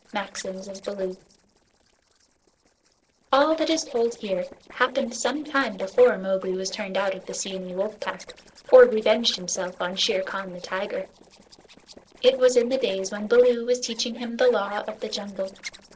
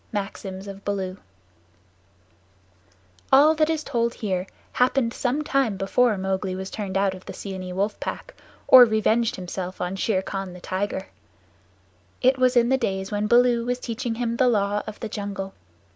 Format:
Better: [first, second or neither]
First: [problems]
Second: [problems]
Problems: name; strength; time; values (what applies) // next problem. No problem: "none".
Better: second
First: noise reduction (neural separator model SepFormer DNS4)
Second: none